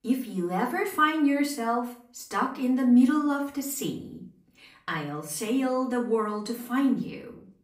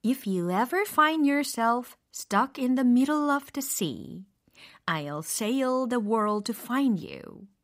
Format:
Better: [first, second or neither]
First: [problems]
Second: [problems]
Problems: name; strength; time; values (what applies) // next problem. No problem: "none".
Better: second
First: room echo; slight; dies away in 0.4 s // off-mic speech; far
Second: none